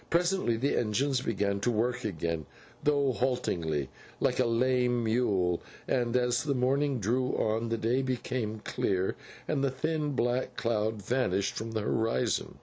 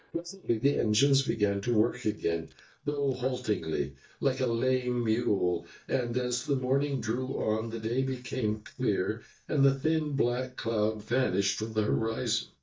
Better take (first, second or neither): first